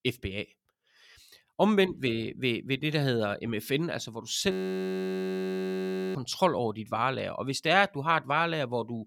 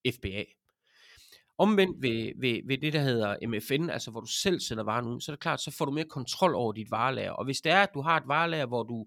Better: second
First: audio freezing; at 4.5 s for 1.5 s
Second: none

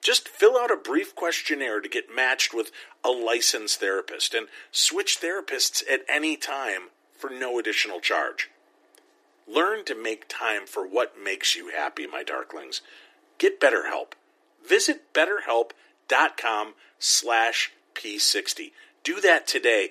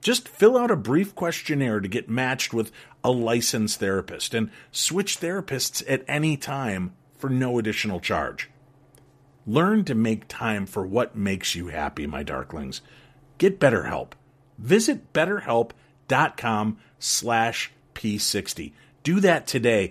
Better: second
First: thin; very; fading below 300 Hz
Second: none

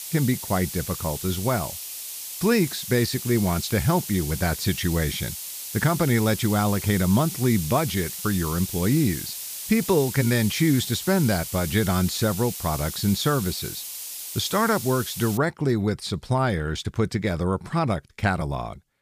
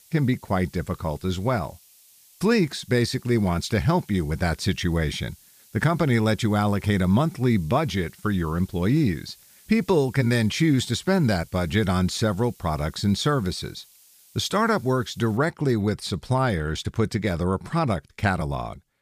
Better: second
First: hiss; loud; until 15 s; 8 dB below the speech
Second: hiss; faint; until 15 s; 25 dB below the speech

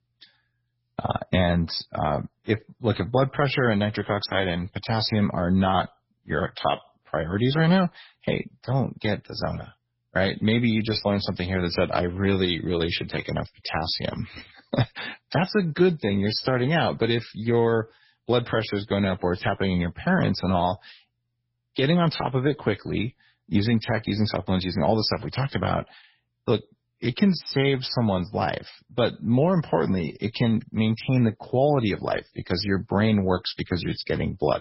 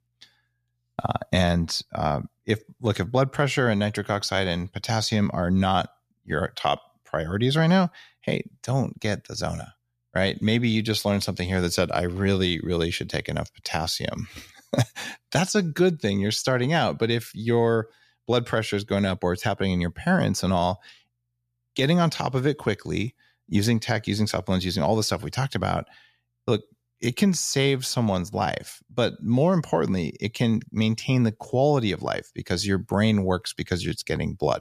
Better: second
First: garbled, watery; badly; nothing above 5.5 kHz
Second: none

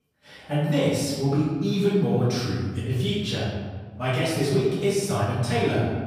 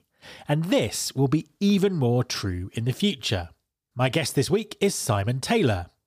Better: second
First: room echo; strong; dies away in 1.4 s // off-mic speech; far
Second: none

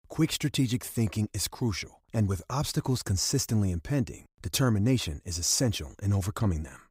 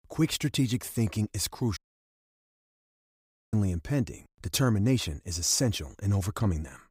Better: first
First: none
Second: audio cutting out; at 2 s for 2 s

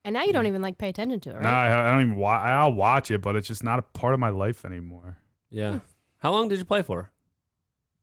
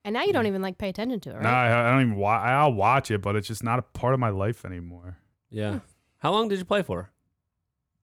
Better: second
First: garbled, watery; slightly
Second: none

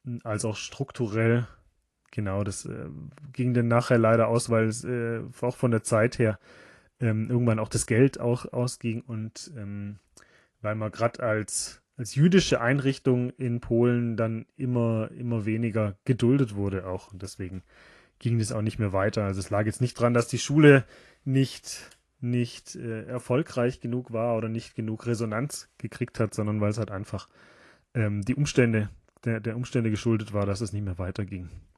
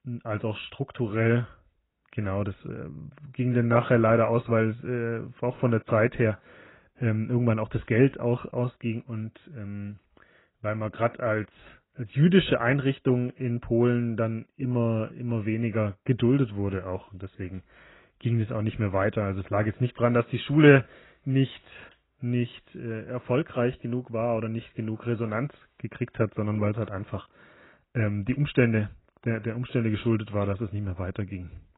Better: first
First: garbled, watery; slightly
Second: garbled, watery; badly; nothing above 4 kHz

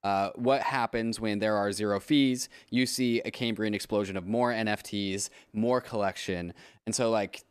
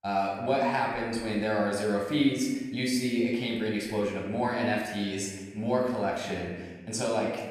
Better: first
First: none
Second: off-mic speech; far // room echo; noticeable; dies away in 1.2 s

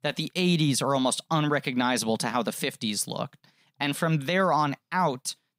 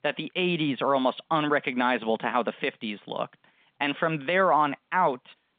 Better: first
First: none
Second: phone-call audio; nothing above 3.5 kHz

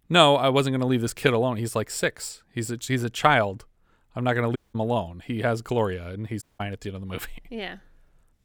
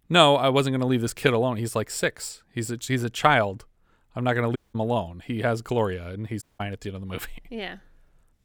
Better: neither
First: audio cutting out; at 4.5 s and at 6.5 s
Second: audio cutting out; at 4.5 s and at 6.5 s

